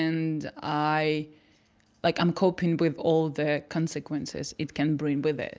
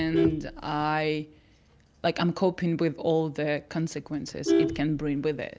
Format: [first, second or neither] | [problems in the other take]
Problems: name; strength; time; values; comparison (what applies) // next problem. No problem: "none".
first | background sound (Vehicle horn, car horn, honking); 4 dB below the speech